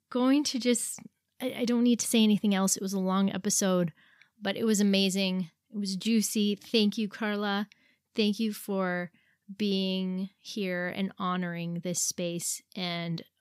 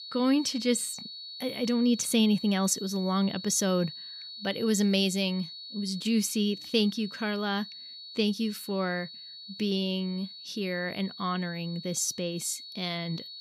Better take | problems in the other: first | high-pitched whine; noticeable; throughout; 4.5 kHz, 10 dB below the speech

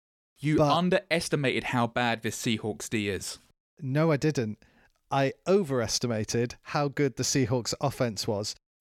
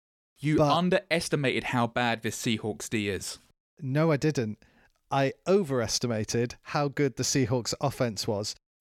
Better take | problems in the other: neither | none

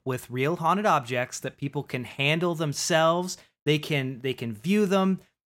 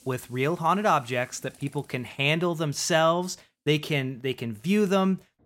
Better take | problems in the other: first | machinery noise; faint; throughout; 30 dB below the speech

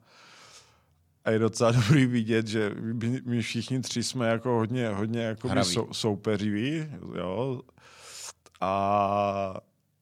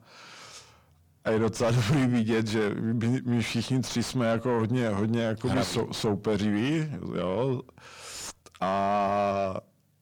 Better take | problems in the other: first | distortion; heavy; 7 dB below the speech

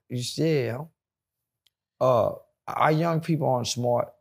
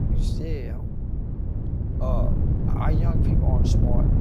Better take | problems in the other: first | wind noise on the microphone; heavy; 1 dB below the speech

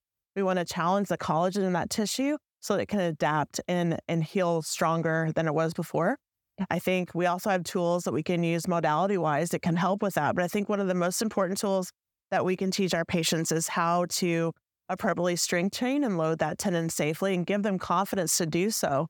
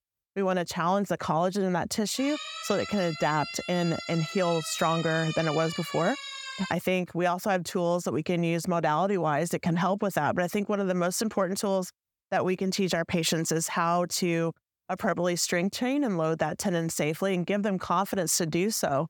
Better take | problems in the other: first | siren; noticeable; from 2 to 6.5 s; peak 8 dB below the speech

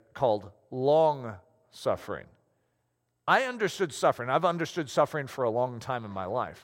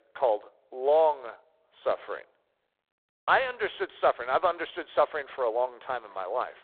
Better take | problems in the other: first | phone-call audio; poor line; nothing above 4 kHz

